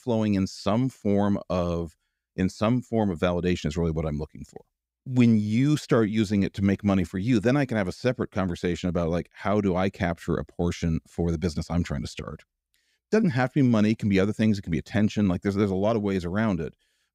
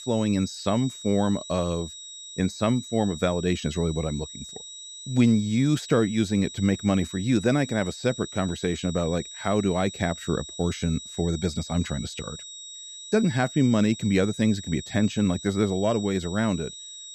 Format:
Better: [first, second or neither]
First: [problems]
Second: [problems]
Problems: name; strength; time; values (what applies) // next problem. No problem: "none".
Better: first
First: none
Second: high-pitched whine; noticeable; throughout; 4 kHz, 15 dB below the speech